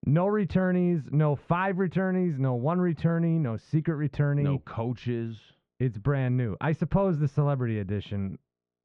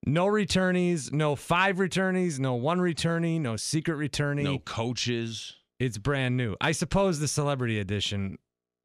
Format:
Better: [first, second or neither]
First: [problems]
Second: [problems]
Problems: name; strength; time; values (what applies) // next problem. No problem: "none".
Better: second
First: muffled; very; fading above 1.5 kHz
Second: none